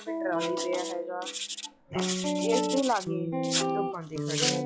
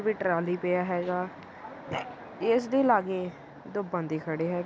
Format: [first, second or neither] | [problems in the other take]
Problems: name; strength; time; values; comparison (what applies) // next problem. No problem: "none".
second | noise reduction (classical method log-MMSE)